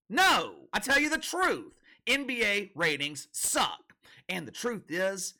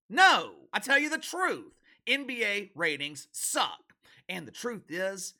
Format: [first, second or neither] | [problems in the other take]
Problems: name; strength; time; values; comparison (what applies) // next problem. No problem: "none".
second | distortion; heavy; 5% of the sound clipped